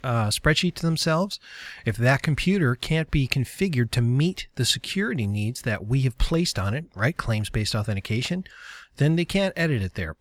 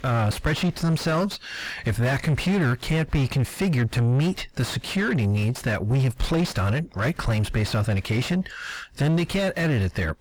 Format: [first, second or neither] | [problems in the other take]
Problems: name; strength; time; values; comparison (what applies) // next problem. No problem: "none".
first | distortion; heavy; 6 dB below the speech